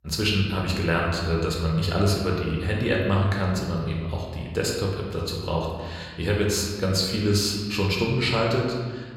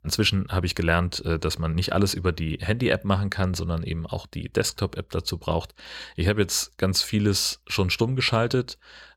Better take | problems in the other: second | room echo; noticeable; dies away in 1.4 s // off-mic speech; somewhat distant

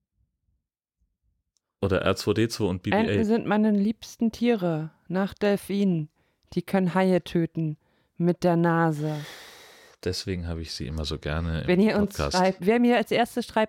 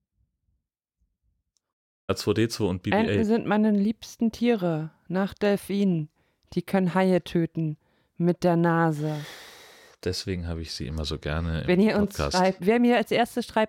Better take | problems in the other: first | audio cutting out; at 1.5 s

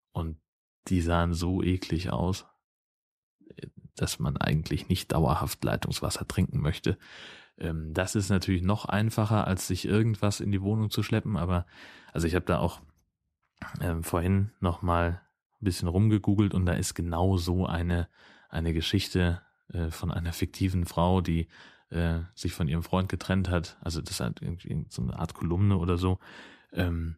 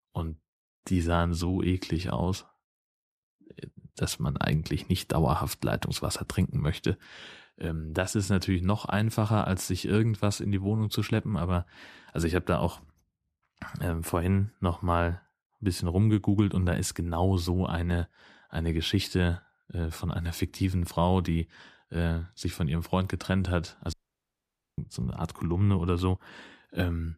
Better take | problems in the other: first | audio cutting out; at 24 s for 1 s

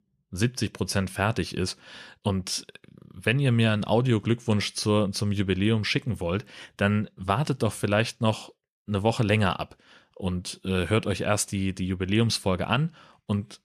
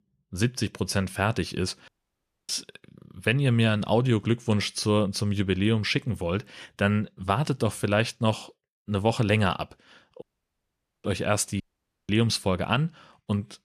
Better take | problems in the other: first | audio cutting out; at 2 s for 0.5 s, at 10 s for 1 s and at 12 s

